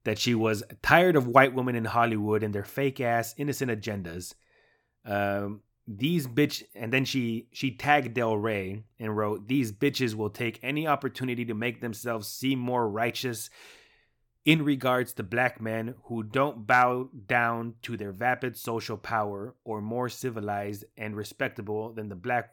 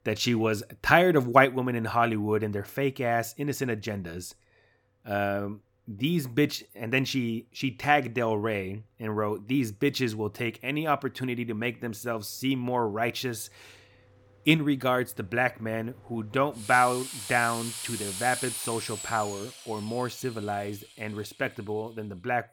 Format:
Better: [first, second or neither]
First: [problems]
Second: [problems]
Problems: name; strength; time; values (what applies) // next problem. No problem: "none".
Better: first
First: none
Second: machinery noise; loud; throughout; 9 dB below the speech